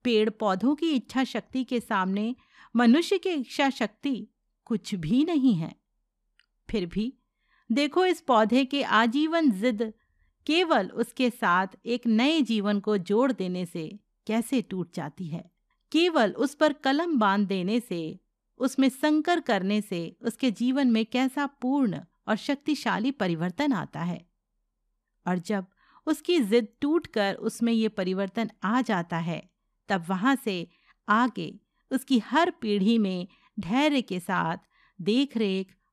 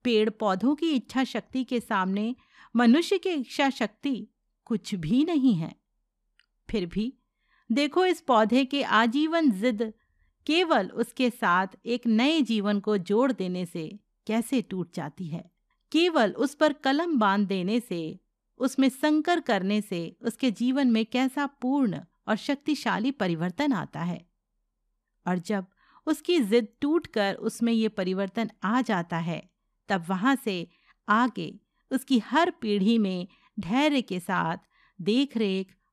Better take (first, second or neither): neither